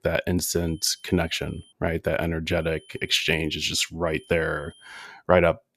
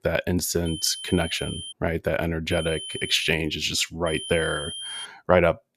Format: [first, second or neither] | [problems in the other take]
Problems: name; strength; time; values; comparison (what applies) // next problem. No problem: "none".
first | high-pitched whine; loud; from 0.5 to 1.5 s, at 2.5 s and at 4 s; 3 kHz, 10 dB below the speech; faint in the first